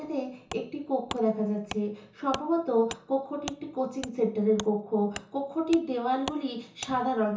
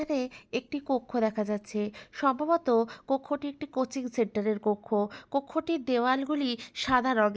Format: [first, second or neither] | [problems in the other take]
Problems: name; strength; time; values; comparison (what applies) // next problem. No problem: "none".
second | background sound (Wood); 15 dB below the speech // room echo; dies away in 0.7 s